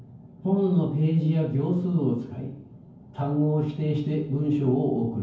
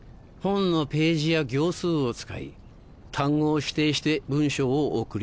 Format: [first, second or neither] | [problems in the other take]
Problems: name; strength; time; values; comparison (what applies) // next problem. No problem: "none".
second | room echo; dies away in 0.9 s